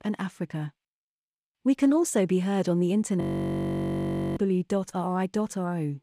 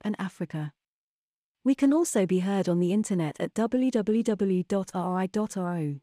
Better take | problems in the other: second | audio freezing; at 3 s for 1 s

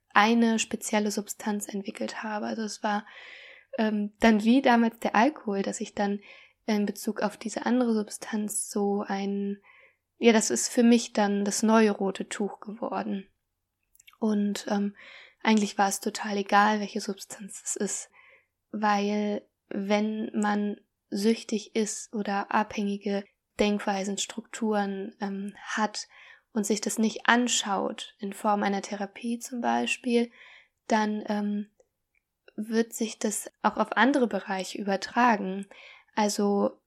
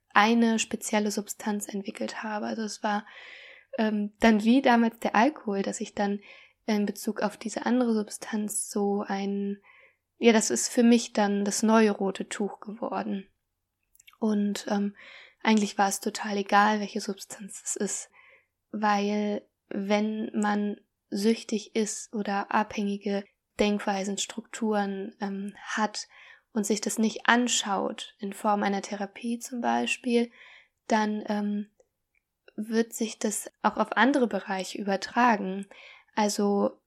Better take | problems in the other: neither | none

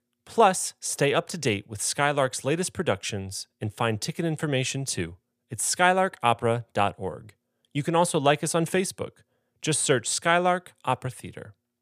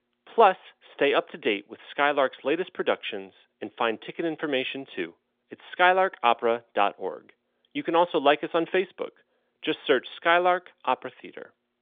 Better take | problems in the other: first | phone-call audio; nothing above 3.5 kHz

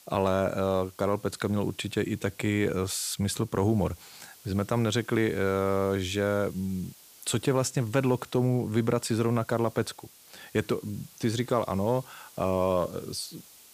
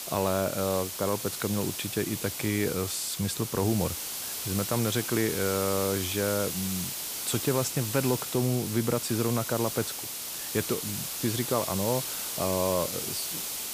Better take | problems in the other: first | hiss; loud; throughout; 3 dB below the speech; faint in the first

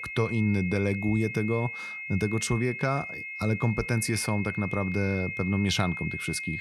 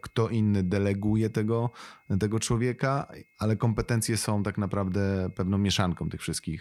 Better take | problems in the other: second | high-pitched whine; loud; throughout; 2 kHz, 6 dB below the speech; faint in the second

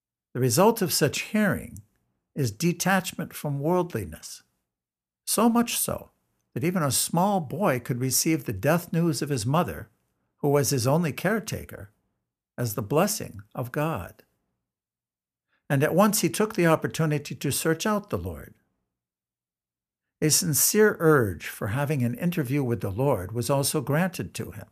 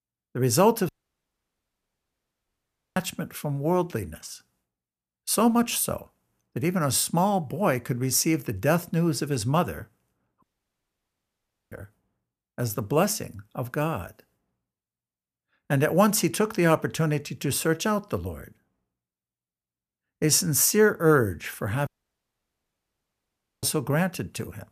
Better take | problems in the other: first | audio cutting out; at 1 s for 2 s, at 10 s for 1.5 s and at 22 s for 2 s

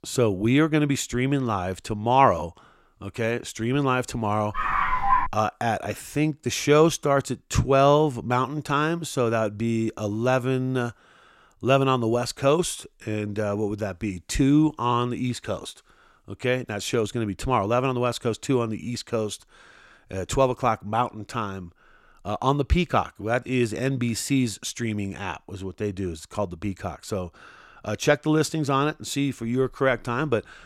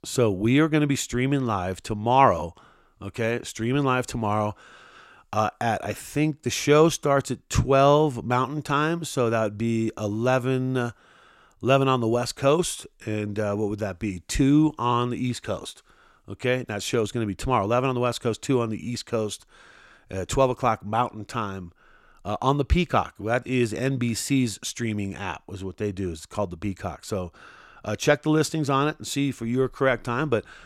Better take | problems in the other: second | dog barking; loud; at 4.5 s; peak 3 dB above the speech

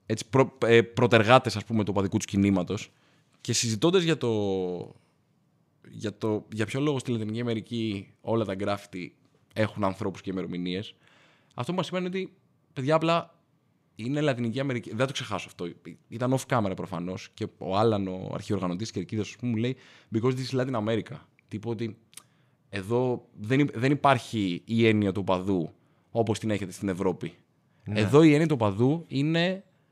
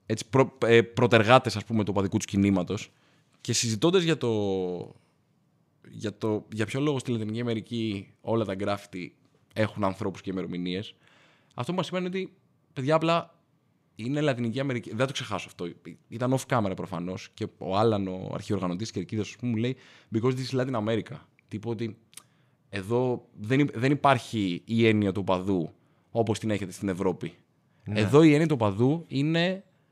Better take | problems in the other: neither | none

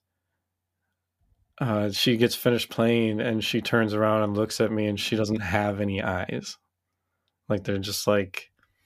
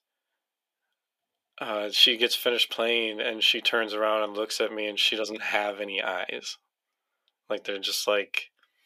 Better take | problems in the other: first | thin; very; fading below 400 Hz

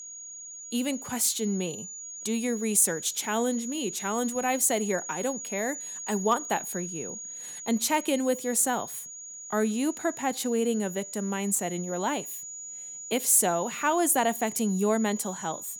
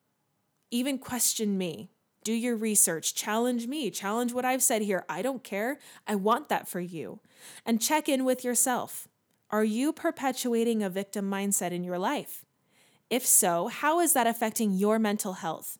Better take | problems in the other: second | high-pitched whine; loud; throughout; 6.5 kHz, 10 dB below the speech

